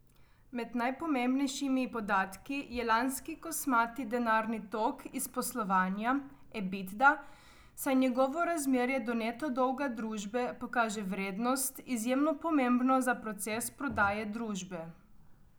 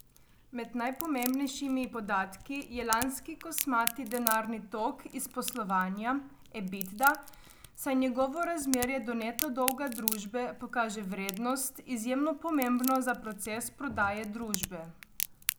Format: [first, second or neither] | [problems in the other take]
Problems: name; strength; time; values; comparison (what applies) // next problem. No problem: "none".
first | background sound (Crack); 9 dB below the speech